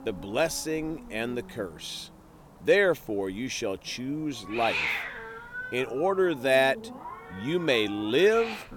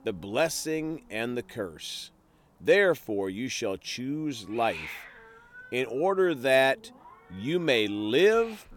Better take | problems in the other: second | hiss; loud; throughout; 9 dB below the speech; faint in the second

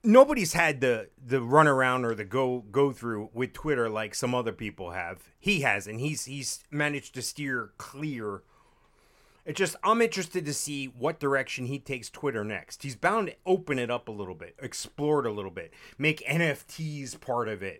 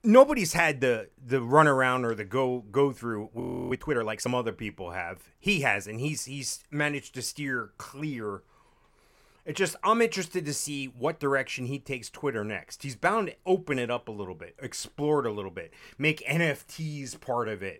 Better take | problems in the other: first | audio freezing; at 3.5 s

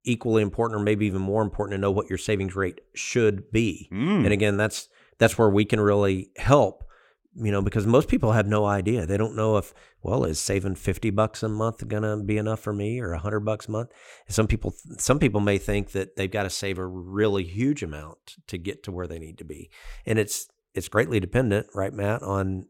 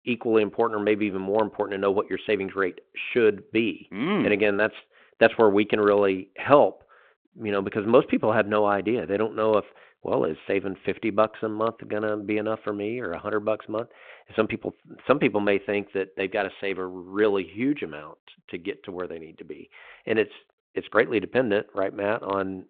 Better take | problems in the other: first | phone-call audio; nothing above 3.5 kHz

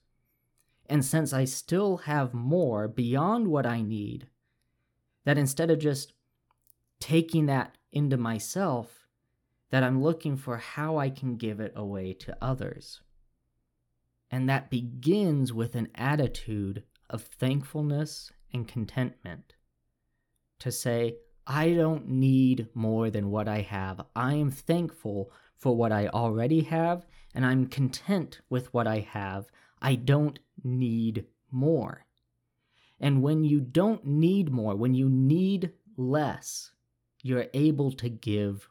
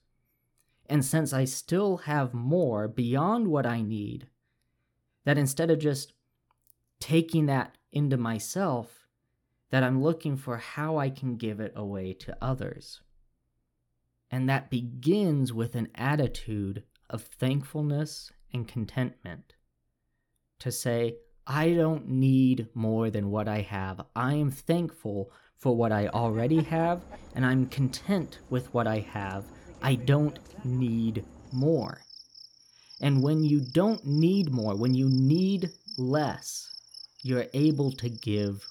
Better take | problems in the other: first | animal sounds; noticeable; from 26 s on; 20 dB below the speech

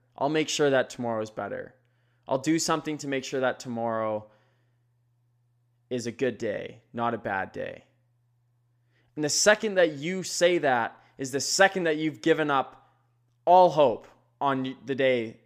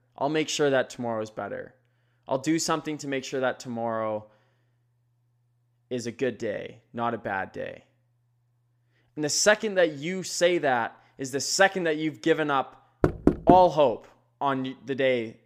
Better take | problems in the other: first | door banging; loud; at 13 s; peak 3 dB above the speech

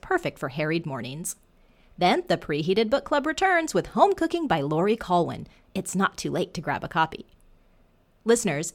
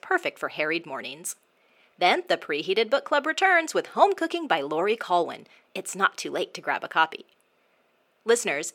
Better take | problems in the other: first | thin; somewhat; fading below 400 Hz

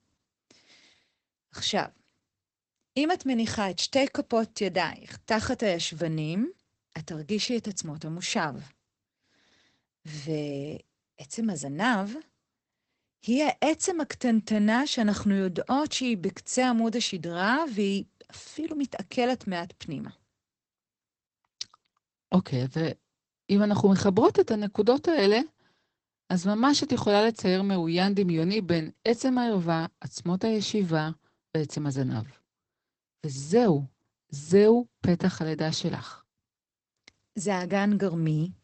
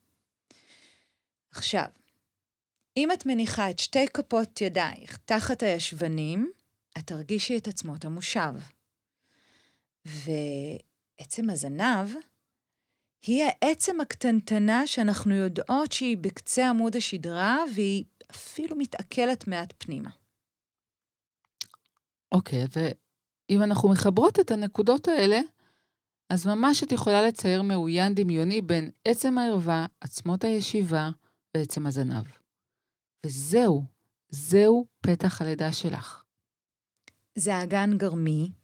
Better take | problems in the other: second | garbled, watery; badly; nothing above 8 kHz; slightly in the second

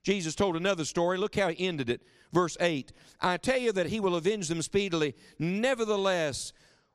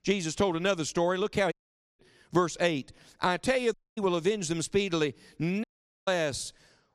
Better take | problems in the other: first | audio cutting out; at 1.5 s, at 3.5 s and at 5.5 s

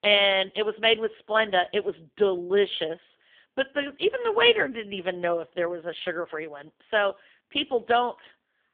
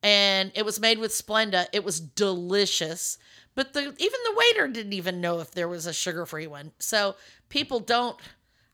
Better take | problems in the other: second | phone-call audio; poor line; nothing above 3.5 kHz

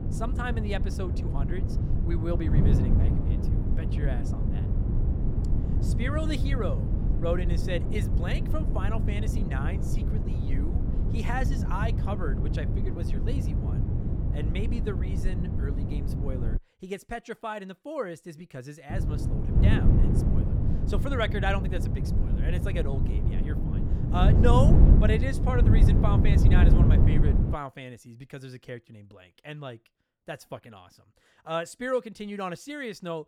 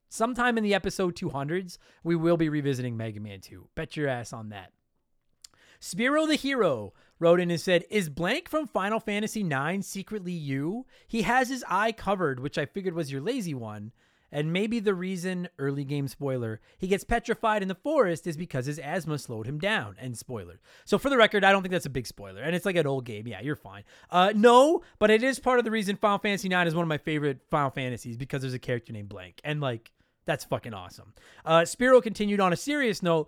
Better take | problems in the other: second | wind noise on the microphone; heavy; until 17 s and from 19 to 28 s; 3 dB below the speech

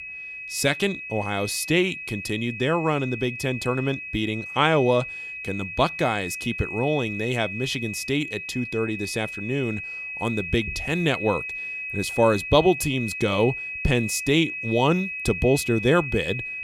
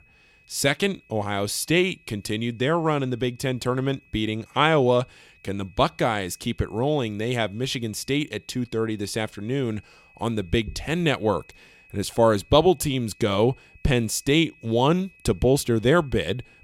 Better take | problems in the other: second | high-pitched whine; loud; throughout; 2.5 kHz, 7 dB below the speech; faint in the second

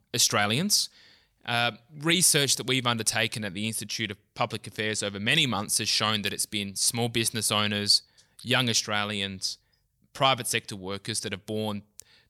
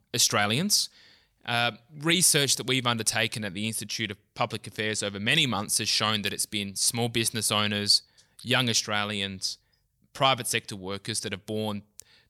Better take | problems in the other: neither | none

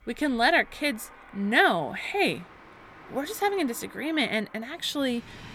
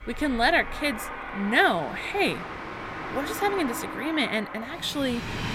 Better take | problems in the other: first | train or aircraft noise; loud; throughout; 9 dB below the speech; faint in the first

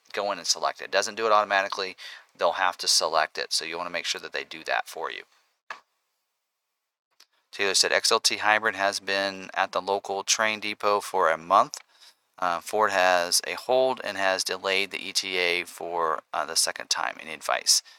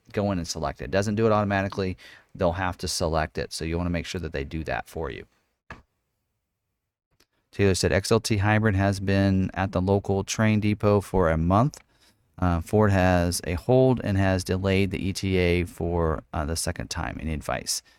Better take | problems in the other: second | thin; very; fading below 800 Hz

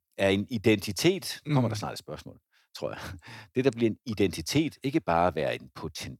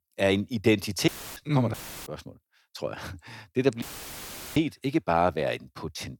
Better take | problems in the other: first | audio cutting out; filled with static; at 1 s, at 1.5 s and at 4 s for 0.5 s

